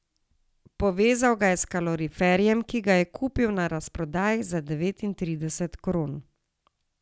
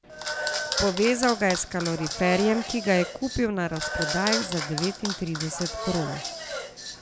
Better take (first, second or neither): first